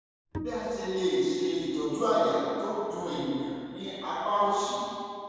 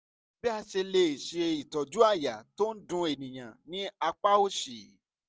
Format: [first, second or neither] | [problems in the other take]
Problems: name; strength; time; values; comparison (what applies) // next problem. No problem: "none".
second | background sound (Bowed string instrument); 12 dB below the speech // room echo; dies away in 2.1 s